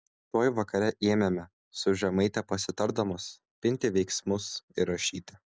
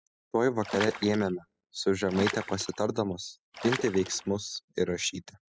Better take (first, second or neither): first